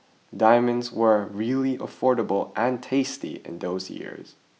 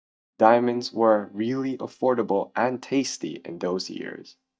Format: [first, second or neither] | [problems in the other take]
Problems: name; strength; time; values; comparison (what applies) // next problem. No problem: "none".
first | noise reduction (neural mask model DeepFilterNet 3)